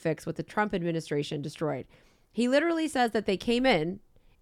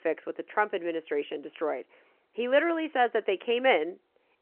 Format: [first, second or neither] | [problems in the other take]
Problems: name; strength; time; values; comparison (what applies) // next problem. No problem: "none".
first | phone-call audio; nothing above 3 kHz